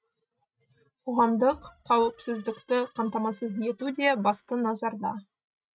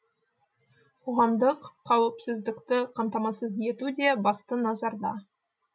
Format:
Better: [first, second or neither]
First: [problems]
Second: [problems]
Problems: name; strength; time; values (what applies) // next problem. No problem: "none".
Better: second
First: noise reduction (neural mask model RNNoise)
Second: none